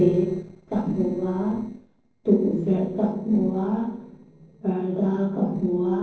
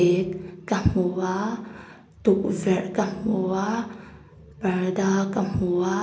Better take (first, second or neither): second